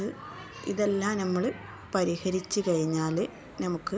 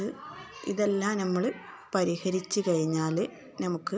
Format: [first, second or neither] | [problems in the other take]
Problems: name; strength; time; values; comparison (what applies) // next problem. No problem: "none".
second | background sound (Church bell / Traffic noise, roadway noise); 19 dB below the speech